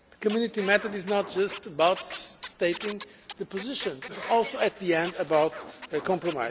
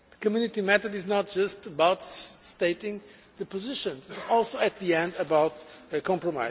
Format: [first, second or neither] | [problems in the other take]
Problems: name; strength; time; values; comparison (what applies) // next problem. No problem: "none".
second | background sound (Scratching (performance technique)); 15 dB below the speech